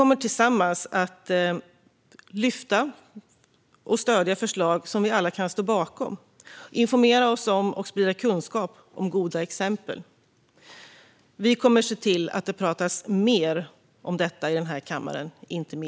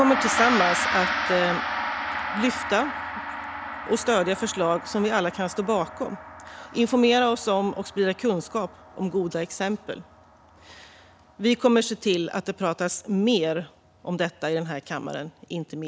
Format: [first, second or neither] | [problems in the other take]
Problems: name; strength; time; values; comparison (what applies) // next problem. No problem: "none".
first | background sound (Gong); 7 dB below the speech